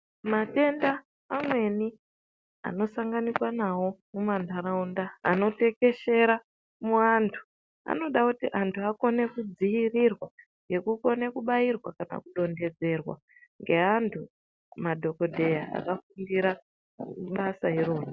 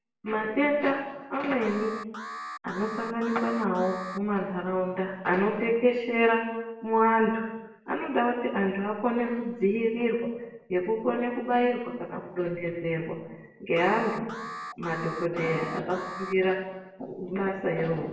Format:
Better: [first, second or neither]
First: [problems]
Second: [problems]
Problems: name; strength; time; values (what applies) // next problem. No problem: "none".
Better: first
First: none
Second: background sound (Alarm); 12 dB below the speech // room echo; dies away in 1 s